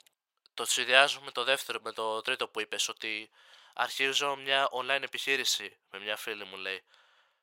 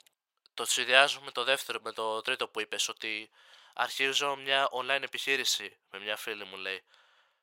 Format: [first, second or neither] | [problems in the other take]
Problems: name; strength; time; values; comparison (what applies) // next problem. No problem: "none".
neither | thin; very; fading below 900 Hz; the same in both